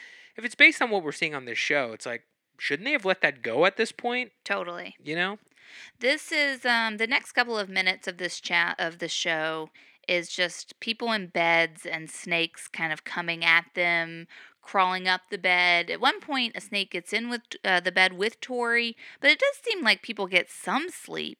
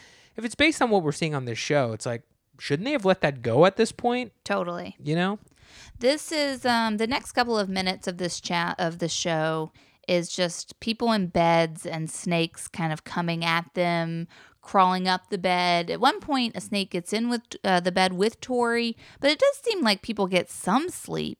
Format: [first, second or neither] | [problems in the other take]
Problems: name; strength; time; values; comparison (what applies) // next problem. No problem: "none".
second | thin; very slightly; fading below 300 Hz